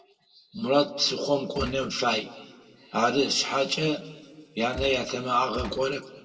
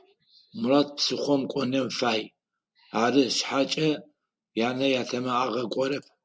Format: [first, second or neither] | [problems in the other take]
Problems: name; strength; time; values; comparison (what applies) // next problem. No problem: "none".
second | background sound (Gunshot, gunfire); 13 dB below the speech // room echo; dies away in 1.5 s